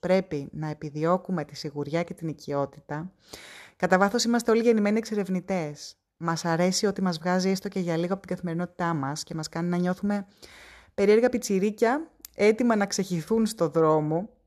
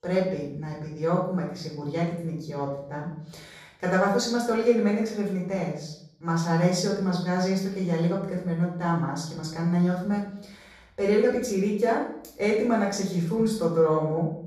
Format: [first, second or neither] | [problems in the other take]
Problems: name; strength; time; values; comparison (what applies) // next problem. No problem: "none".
first | off-mic speech; far // room echo; noticeable; dies away in 0.7 s